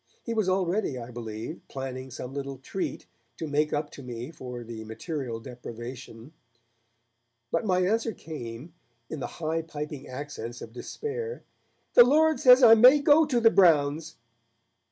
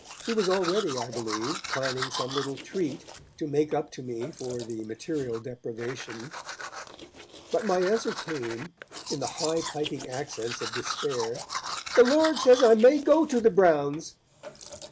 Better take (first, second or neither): first